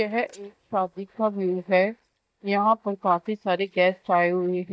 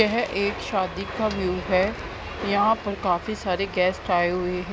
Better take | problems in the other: second | noise reduction (neural mask model DeepFilterNet 3)

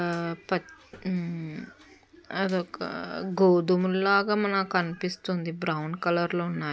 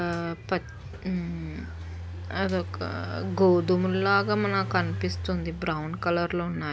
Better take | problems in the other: first | background sound (Engine); 8 dB below the speech

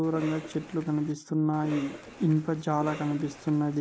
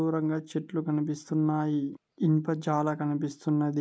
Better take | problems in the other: second | background sound (Cough); 15 dB below the speech

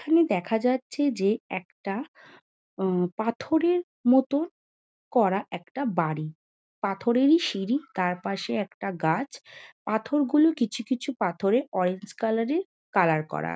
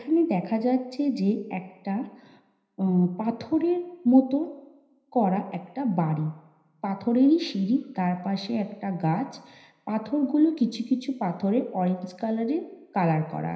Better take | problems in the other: first | room echo; dies away in 0.9 s

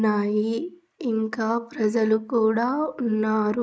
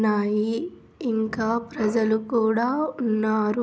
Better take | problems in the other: second | noise reduction (neural mask model Resemble Enhance denoiser)

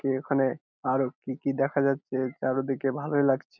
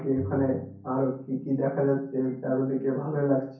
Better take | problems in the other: first | background sound (Bowed string instrument); 17 dB below the speech // room echo; dies away in 0.6 s

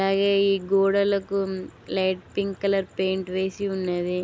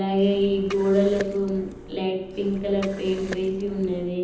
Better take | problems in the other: first | background sound (Liquid); 16 dB below the speech // room echo; dies away in 1.3 s

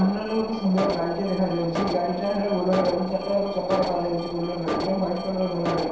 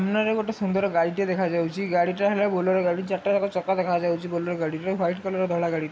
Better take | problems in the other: second | background sound (Alarm); 6 dB below the speech // room echo; dies away in 0.7 s

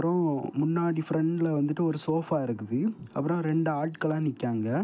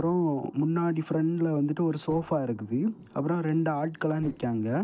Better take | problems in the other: first | noise reduction (neural separator model SepFormer DNS4)

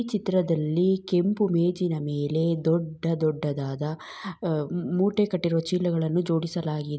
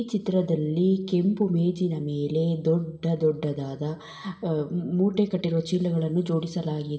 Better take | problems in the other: first | room echo; dies away in 1.6 s

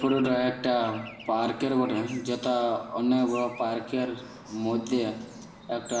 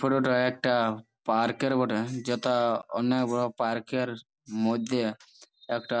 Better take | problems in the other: second | background sound (Traffic noise, roadway noise / Bird); 19 dB below the speech // room echo; dies away in 1 s

